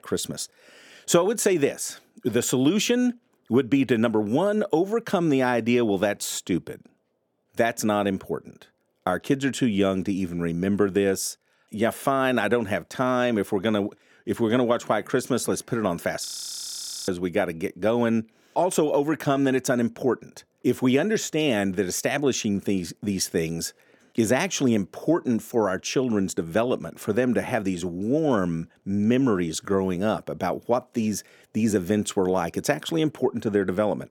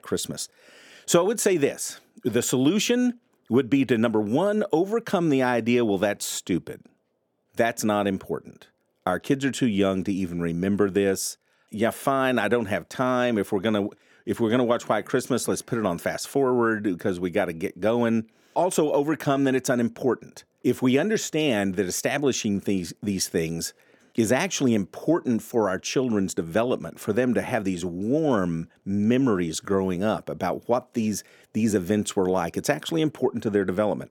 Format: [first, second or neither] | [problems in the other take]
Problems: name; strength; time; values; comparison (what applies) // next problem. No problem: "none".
second | audio freezing; at 16 s for 1 s